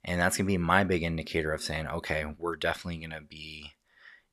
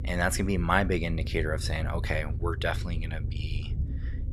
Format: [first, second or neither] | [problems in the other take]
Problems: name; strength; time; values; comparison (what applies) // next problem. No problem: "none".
first | low rumble; noticeable; throughout; 20 dB below the speech